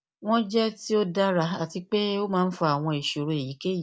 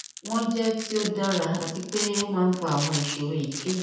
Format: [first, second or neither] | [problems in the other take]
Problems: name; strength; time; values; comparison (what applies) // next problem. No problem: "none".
first | background sound (Domestic sounds, home sounds); 9 dB below the speech // room echo; dies away in 0.8 s